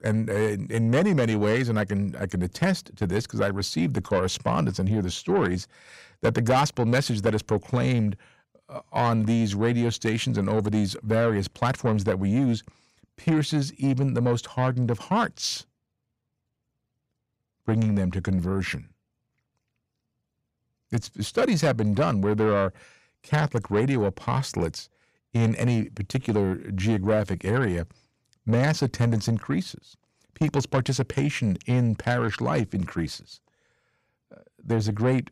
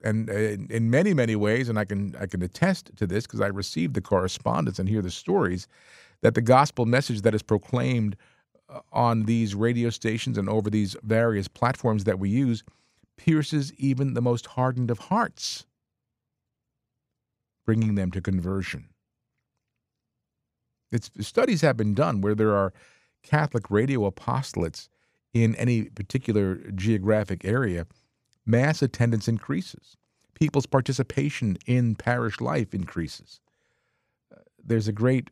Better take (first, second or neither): second